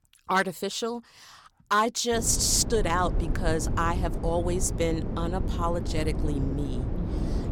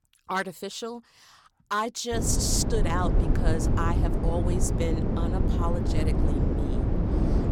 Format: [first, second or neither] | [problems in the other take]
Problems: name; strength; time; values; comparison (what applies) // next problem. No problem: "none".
first | wind noise on the microphone; heavy; from 2 s on; 4 dB below the speech; occasional gusts in the first